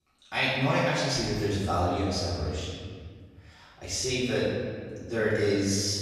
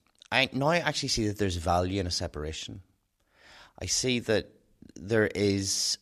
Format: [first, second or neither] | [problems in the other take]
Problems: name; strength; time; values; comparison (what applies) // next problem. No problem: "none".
second | off-mic speech; far // room echo; strong; dies away in 1.7 s